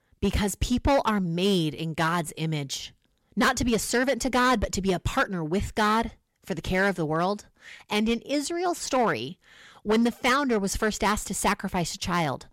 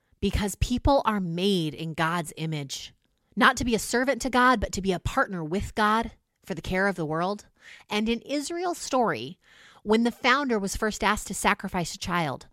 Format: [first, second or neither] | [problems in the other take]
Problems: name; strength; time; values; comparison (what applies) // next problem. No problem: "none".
second | distortion; slight; 5% of the sound clipped